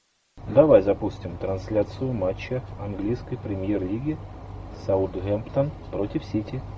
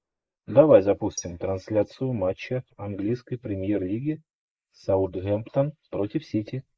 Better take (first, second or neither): first